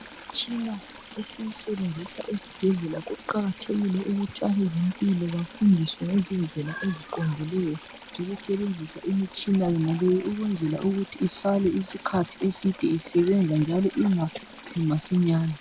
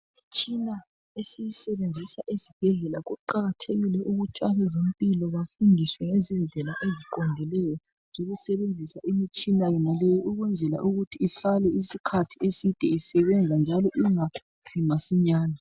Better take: second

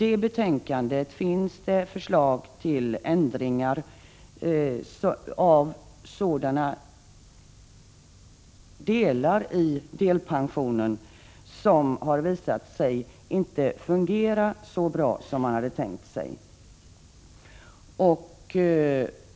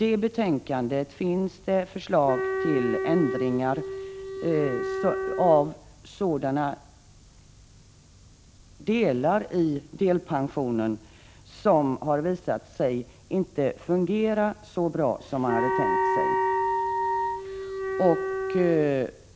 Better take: first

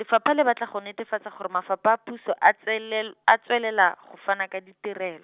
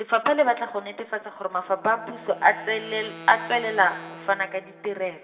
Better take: first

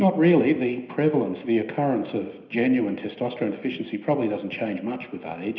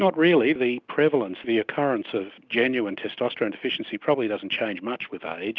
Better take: second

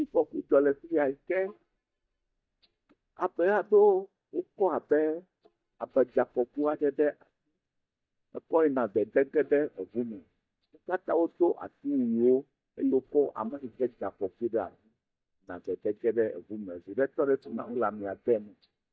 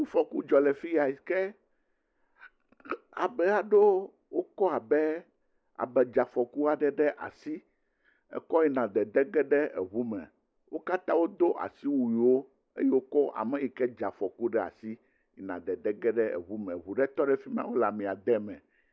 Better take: second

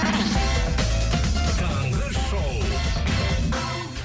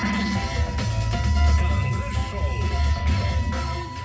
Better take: first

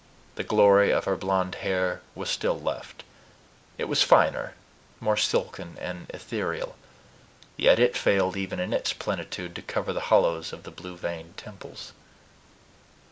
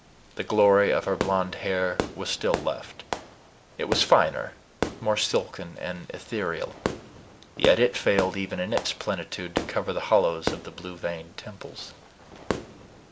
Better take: first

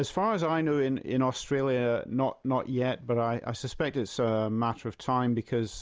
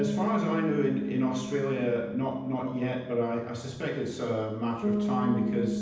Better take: first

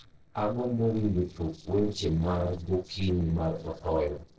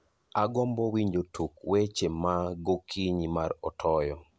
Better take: second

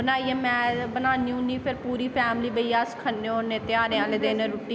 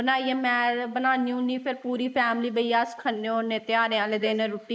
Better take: first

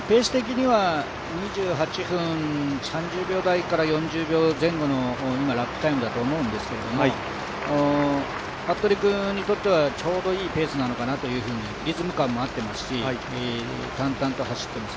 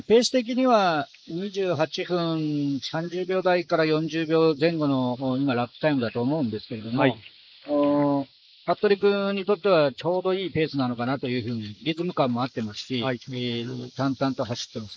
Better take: first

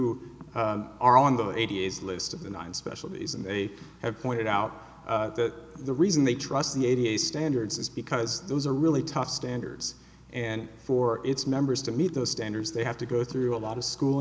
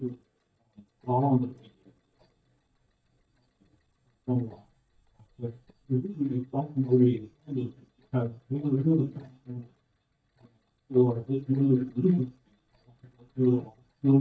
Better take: first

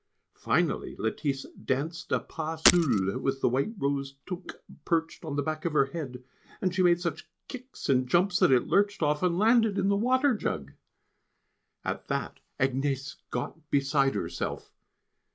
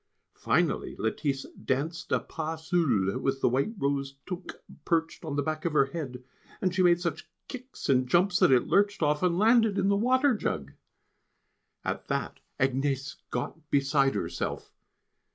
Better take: second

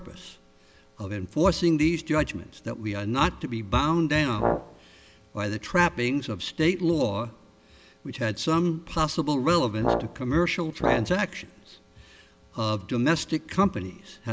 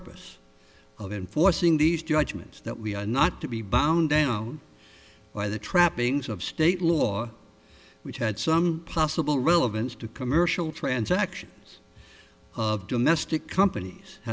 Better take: second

